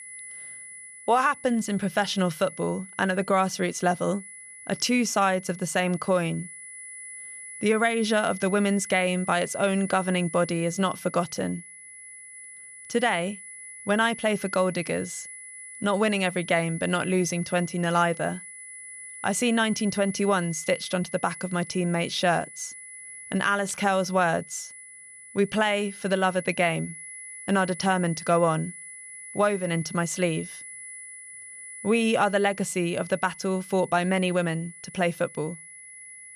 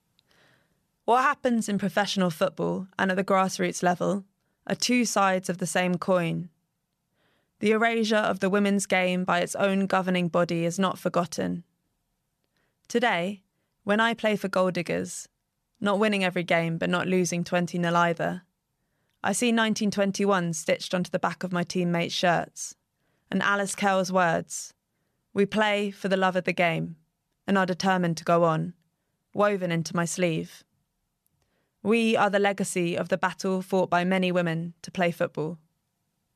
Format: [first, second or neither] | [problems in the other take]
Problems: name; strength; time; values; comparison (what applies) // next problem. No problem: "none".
second | high-pitched whine; noticeable; throughout; 2 kHz, 15 dB below the speech